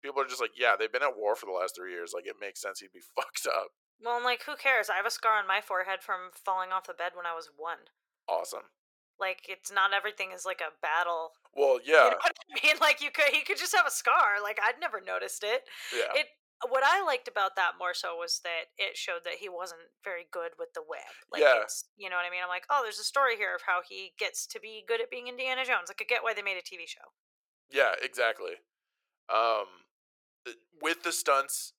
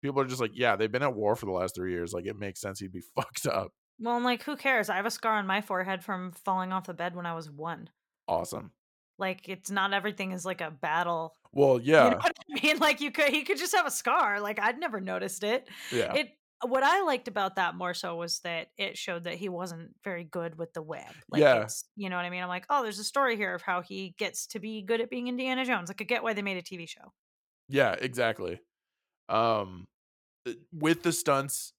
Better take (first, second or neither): second